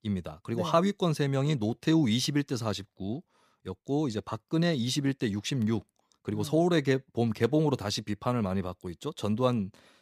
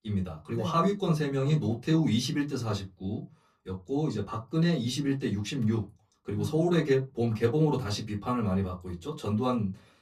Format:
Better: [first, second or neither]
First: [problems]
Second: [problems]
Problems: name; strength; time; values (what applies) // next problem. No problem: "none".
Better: first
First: none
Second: off-mic speech; far // room echo; very slight; dies away in 0.2 s